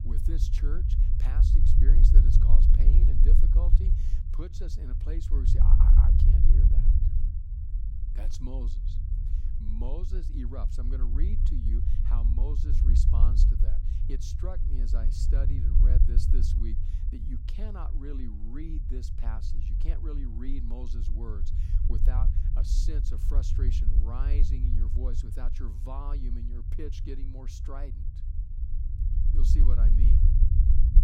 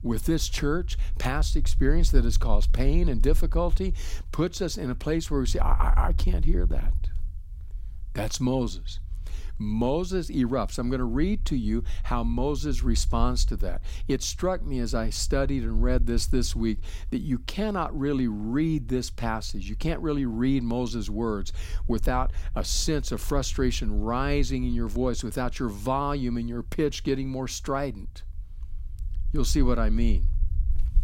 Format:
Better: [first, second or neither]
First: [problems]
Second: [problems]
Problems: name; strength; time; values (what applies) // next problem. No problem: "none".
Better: second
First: low rumble; loud; throughout; as loud as the speech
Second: low rumble; faint; throughout; 25 dB below the speech